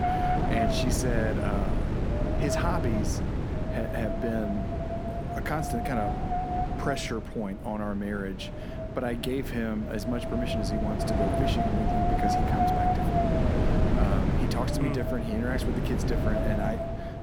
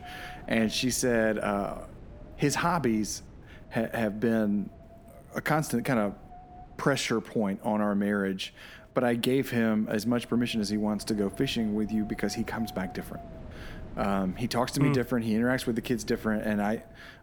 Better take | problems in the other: second | wind noise on the microphone; heavy; 4 dB above the speech; occasional gusts in the second

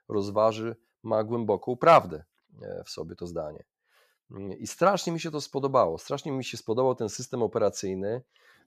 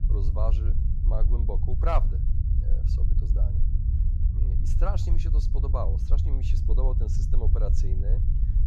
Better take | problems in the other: first | low rumble; loud; throughout; 7 dB below the speech

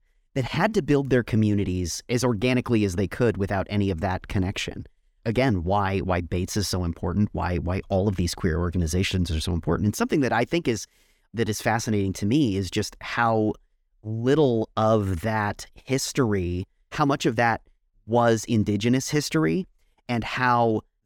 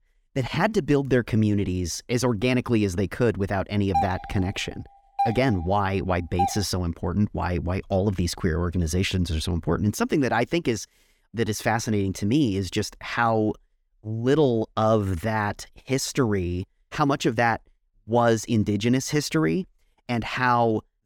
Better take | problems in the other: first | doorbell; noticeable; from 4 to 6.5 s; peak 3 dB below the speech

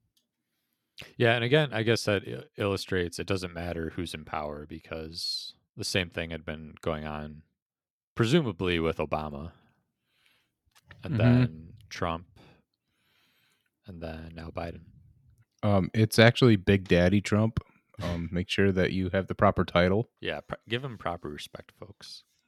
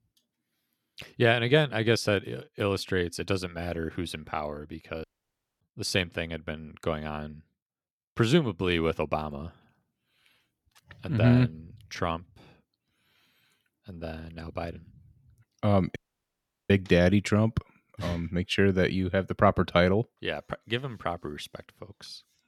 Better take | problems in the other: first | audio cutting out; at 5 s for 0.5 s and at 16 s for 0.5 s

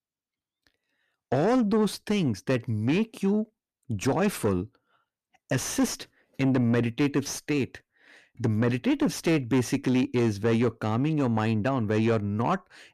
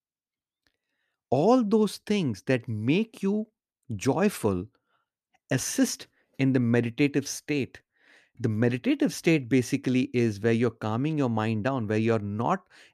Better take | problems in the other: second | distortion; slight; 10 dB below the speech

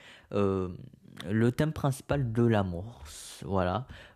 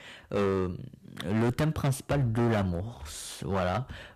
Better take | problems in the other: first | distortion; heavy; 10% of the sound clipped

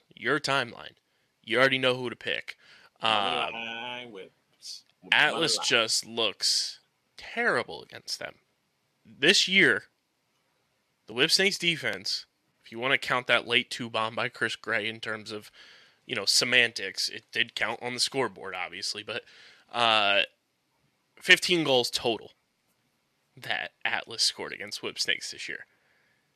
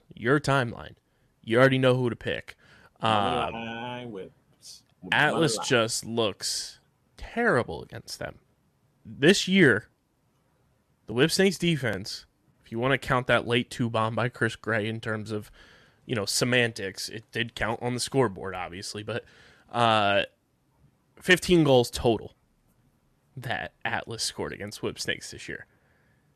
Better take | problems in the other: second | thin; somewhat; fading below 450 Hz

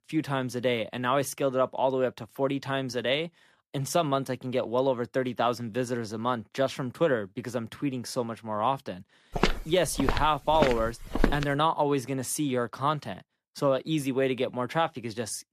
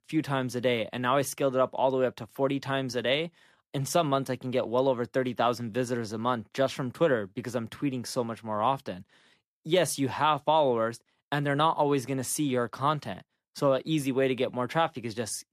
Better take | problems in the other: second | footsteps; noticeable; from 9.5 to 11 s; peak level with the speech

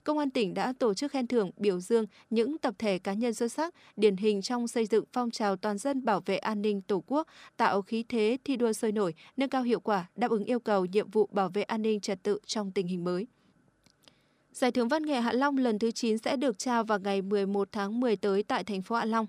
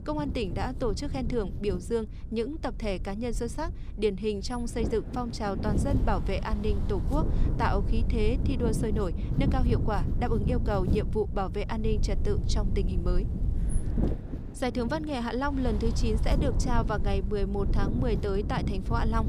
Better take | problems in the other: first | wind noise on the microphone; heavy; 9 dB below the speech

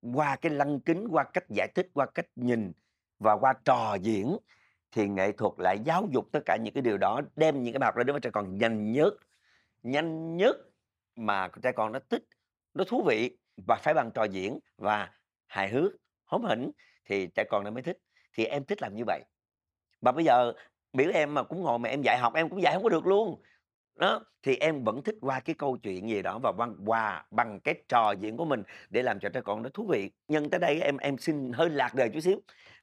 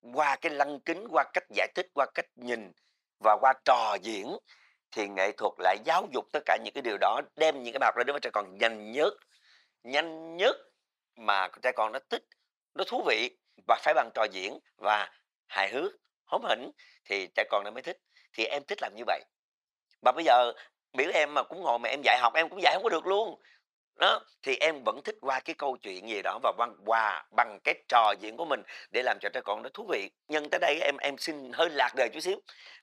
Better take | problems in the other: first | thin; somewhat; fading below 600 Hz

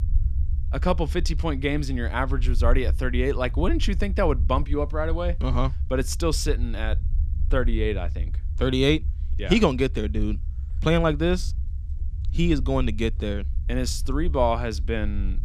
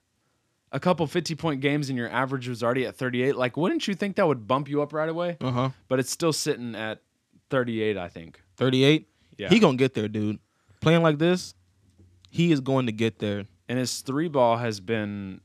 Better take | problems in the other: second | low rumble; faint; throughout; 20 dB below the speech

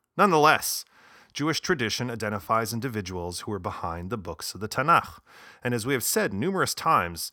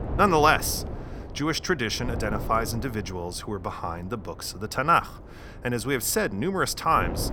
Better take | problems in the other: first | wind noise on the microphone; occasional gusts; 20 dB below the speech

